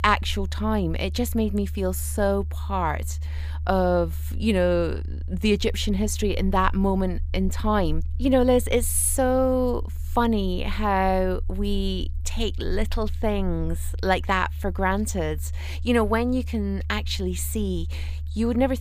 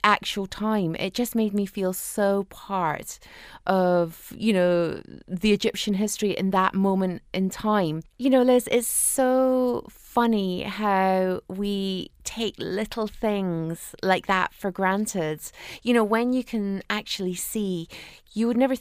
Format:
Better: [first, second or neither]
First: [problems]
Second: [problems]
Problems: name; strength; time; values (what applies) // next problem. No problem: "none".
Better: second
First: low rumble; faint; throughout; 25 dB below the speech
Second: none